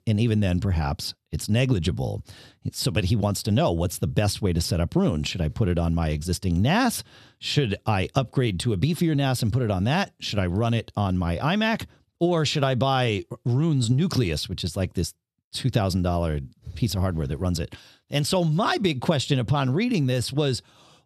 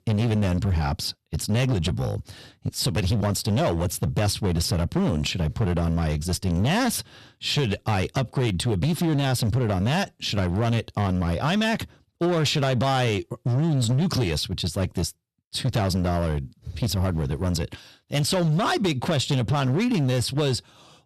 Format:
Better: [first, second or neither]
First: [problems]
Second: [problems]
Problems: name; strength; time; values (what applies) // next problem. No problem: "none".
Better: first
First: none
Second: distortion; slight; 14% of the sound clipped